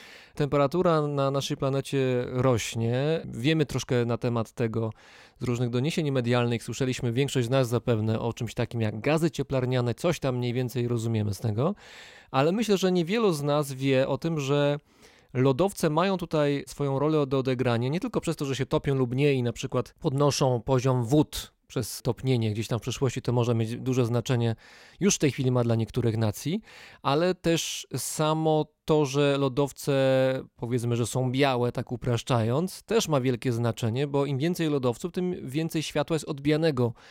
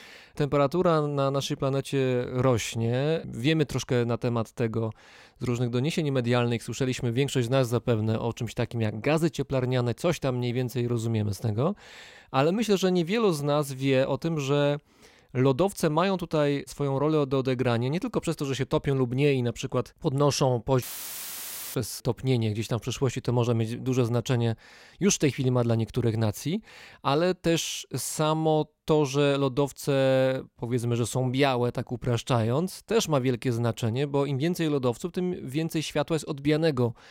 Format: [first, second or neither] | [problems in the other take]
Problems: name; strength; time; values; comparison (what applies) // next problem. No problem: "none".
first | audio cutting out; filled with static; at 21 s for 1 s